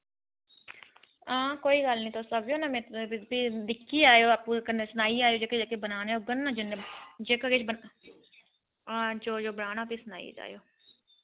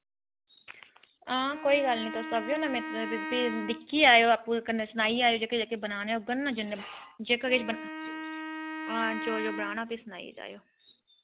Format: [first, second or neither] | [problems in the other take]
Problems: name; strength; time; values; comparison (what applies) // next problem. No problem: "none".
first | background sound (Wind instrument, woodwind instrument); 9 dB below the speech